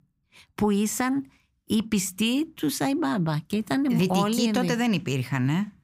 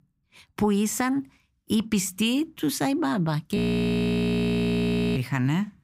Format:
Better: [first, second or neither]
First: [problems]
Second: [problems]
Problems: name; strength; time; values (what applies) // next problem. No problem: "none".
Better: first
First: none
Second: audio freezing; at 3.5 s for 1.5 s